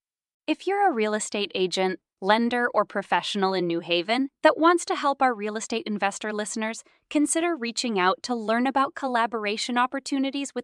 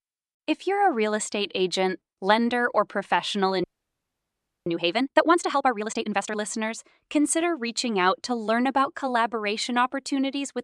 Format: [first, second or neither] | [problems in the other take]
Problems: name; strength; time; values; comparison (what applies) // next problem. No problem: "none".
first | audio freezing; at 3.5 s for 1 s